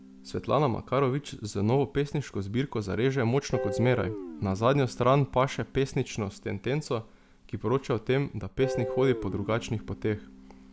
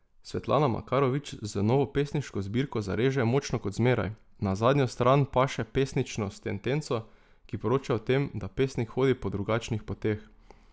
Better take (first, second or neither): second